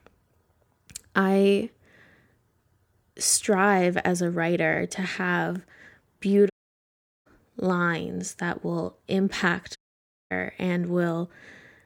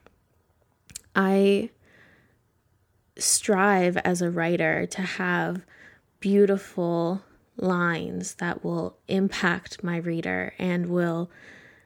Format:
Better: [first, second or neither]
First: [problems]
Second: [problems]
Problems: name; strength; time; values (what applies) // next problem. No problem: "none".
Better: second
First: audio cutting out; at 6.5 s for 1 s and at 10 s for 0.5 s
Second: none